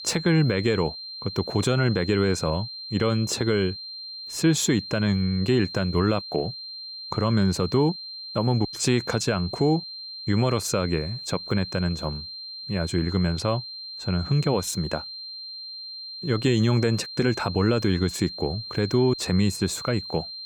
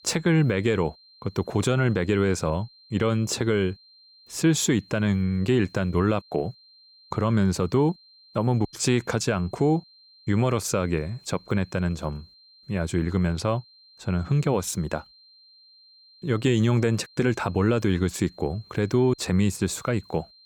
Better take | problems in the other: second | high-pitched whine; loud; throughout; 4 kHz, 10 dB below the speech; faint in the second

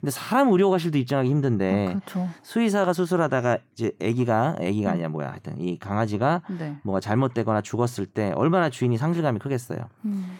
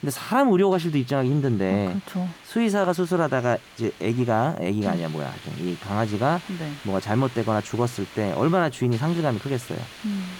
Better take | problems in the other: first | hiss; noticeable; throughout; 20 dB below the speech

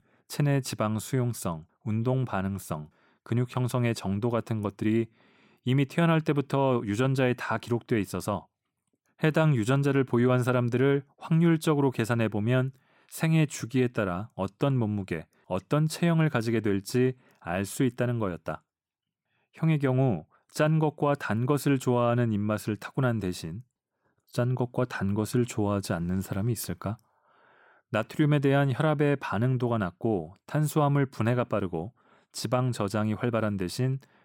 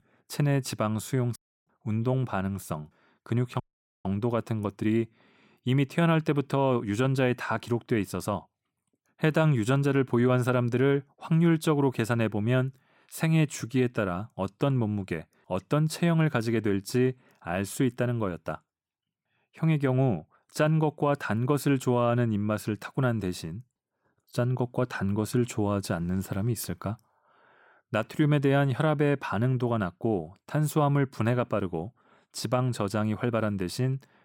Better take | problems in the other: first | audio cutting out; at 1.5 s and at 3.5 s

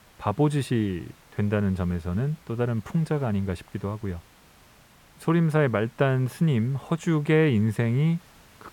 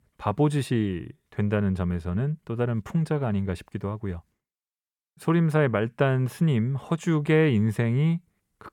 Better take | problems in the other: second | hiss; faint; throughout; 30 dB below the speech

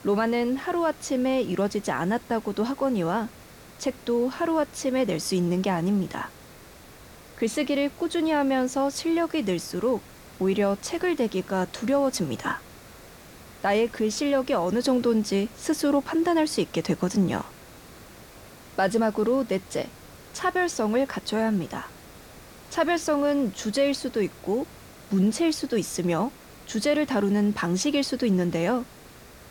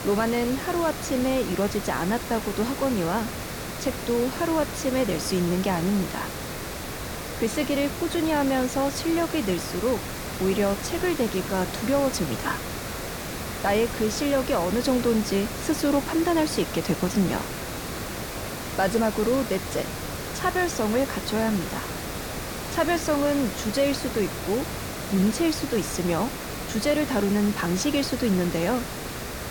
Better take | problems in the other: first | hiss; loud; throughout; 6 dB below the speech; faint in the first

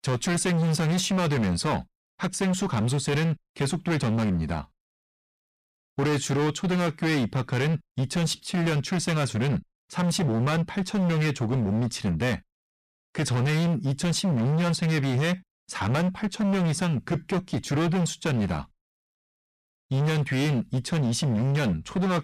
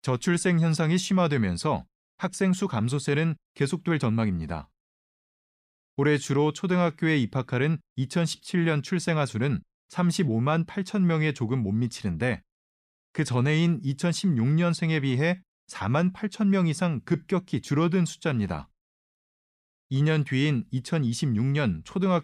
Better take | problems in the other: second | distortion; heavy; 27% of the sound clipped

